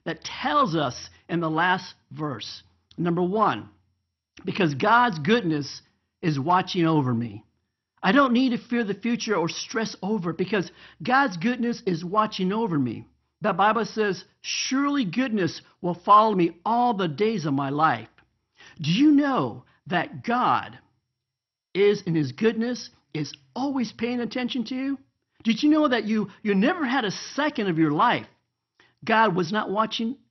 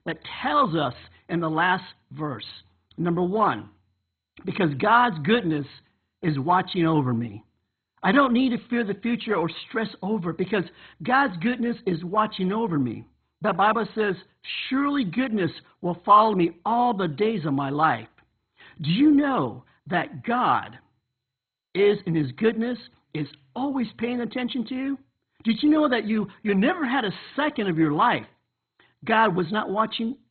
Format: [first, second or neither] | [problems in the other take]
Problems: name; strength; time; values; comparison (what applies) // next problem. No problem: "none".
first | garbled, watery; badly; nothing above 4 kHz; slightly in the first